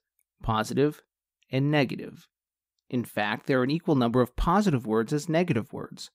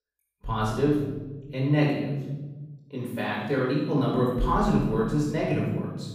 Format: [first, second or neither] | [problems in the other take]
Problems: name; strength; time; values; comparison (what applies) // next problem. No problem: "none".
first | room echo; strong; dies away in 1.5 s // off-mic speech; far